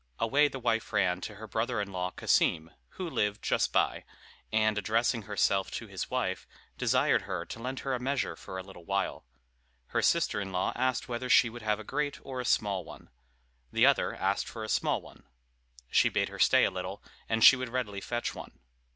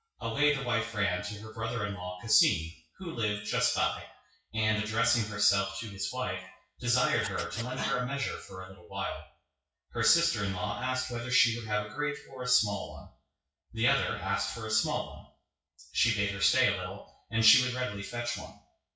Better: first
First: none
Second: noise reduction (classical method WPE with log-MMSE)

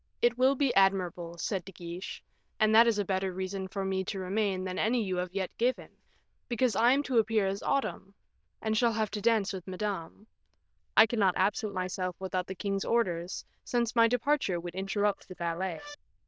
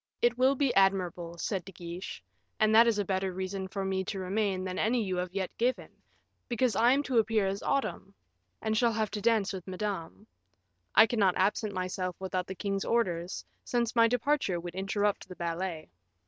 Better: second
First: noise reduction (neural diffusion model UNIVERSE++)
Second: none

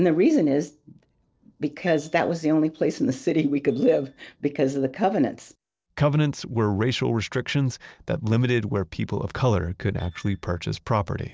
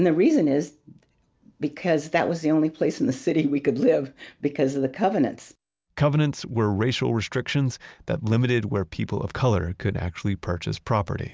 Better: second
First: noise reduction (neural separator model SepFormer DNS4)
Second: none

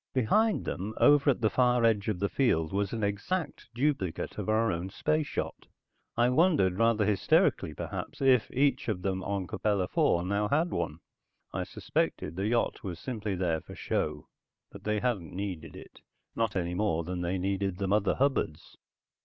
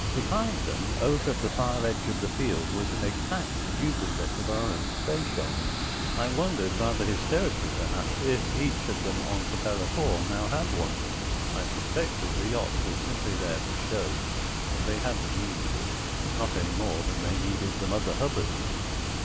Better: first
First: none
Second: background sound (Water); 3 dB above the speech

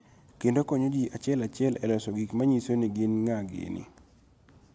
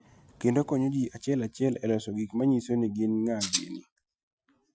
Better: first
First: none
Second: noise reduction (classical method Wiener filter)

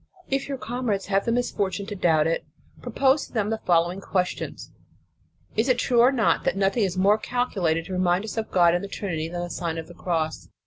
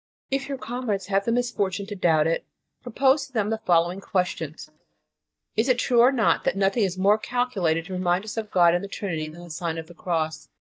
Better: first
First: none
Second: noise reduction (neural mask model DeepFilterNet 3)

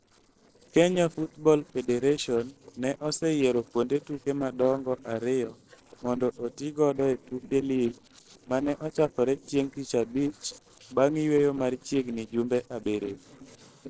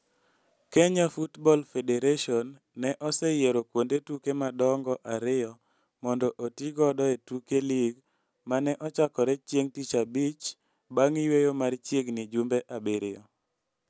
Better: second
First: noise reduction (neural separator model SepFormer DNS4)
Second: none

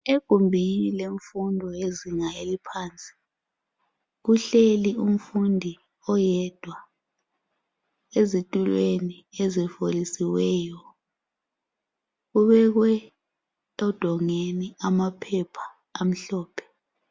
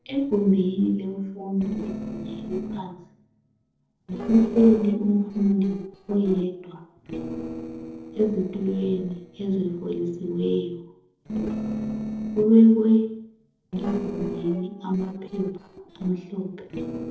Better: first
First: none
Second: noise reduction (neural separator model SepFormer DNS4)

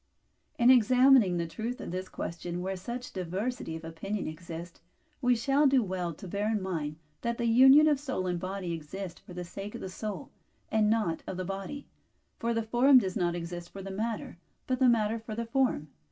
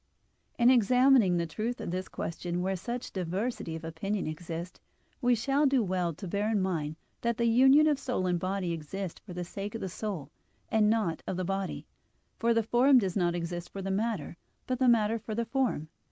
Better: second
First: room echo; dies away in 0.2 s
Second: none

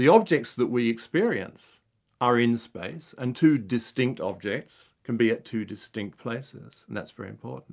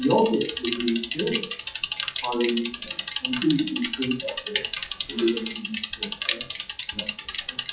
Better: first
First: none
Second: noise reduction (classical method WPE with log-MMSE)

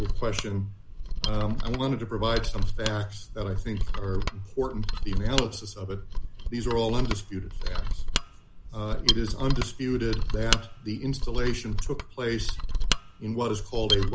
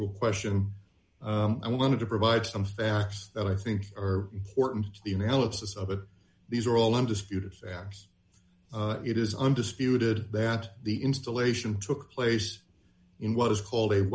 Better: second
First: background sound (Mechanisms); 3 dB above the speech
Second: none

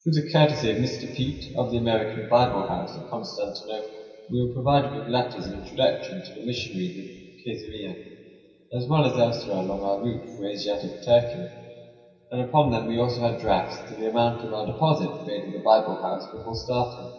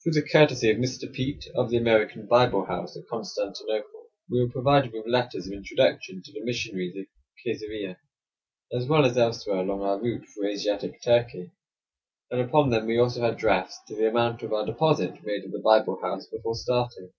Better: second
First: room echo; dies away in 2.6 s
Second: none

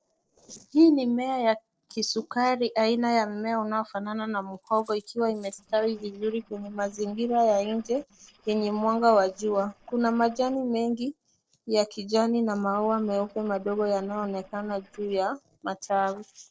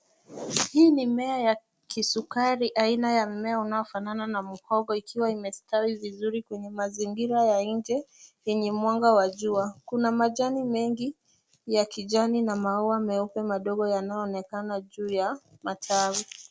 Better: second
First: noise reduction (neural separator model SepFormer DNS4)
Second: none

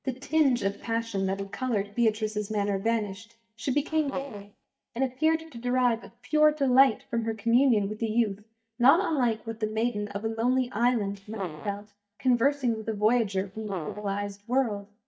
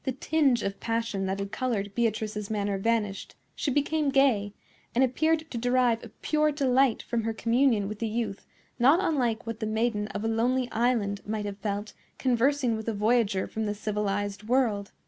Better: second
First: noise reduction (neural mask model DeepFilterNet 3)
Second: none

